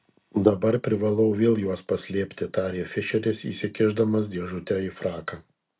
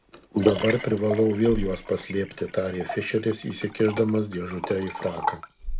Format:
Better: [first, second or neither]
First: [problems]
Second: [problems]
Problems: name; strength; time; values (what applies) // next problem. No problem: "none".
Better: first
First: none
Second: background sound (Liquid); 9 dB below the speech